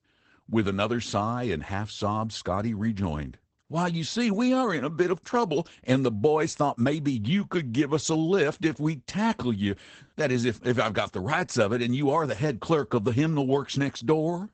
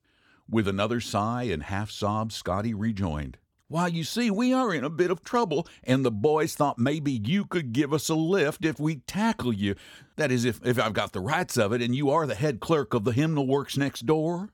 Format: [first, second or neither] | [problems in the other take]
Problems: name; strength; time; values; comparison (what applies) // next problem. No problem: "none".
second | garbled, watery; badly; nothing above 8 kHz